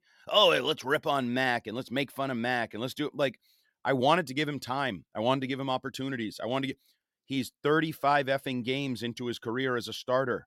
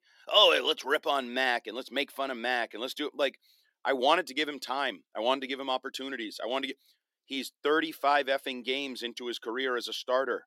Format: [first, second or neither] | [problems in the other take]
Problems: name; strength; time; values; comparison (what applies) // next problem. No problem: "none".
first | thin; very slightly; fading below 300 Hz